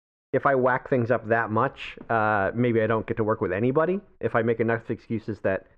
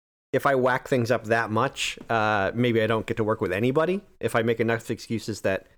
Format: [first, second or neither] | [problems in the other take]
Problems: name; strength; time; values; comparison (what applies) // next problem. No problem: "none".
second | muffled; very; fading above 1.5 kHz